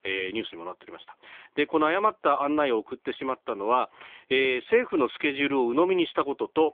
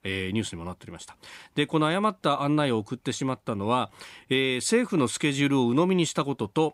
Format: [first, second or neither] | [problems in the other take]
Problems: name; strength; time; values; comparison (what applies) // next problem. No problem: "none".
second | phone-call audio; nothing above 3.5 kHz